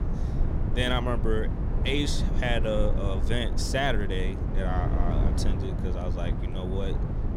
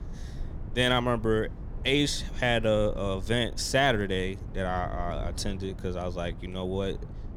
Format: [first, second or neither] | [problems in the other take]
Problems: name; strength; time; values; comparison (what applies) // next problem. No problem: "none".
second | low rumble; loud; throughout; 8 dB below the speech; faint in the second